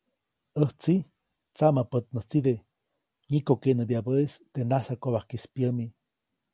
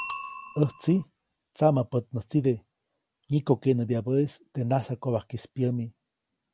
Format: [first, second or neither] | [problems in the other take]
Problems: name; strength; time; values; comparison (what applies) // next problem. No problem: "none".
first | background sound (Bicycle bell); 19 dB below the speech